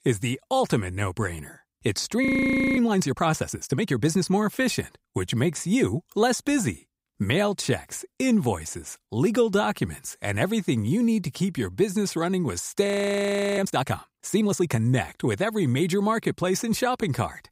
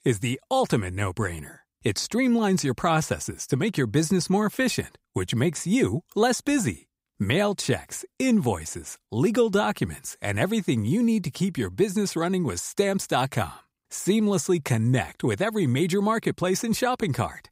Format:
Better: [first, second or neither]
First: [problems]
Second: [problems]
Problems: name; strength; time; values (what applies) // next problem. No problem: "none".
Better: second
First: audio freezing; at 2.5 s for 0.5 s and at 13 s for 0.5 s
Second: none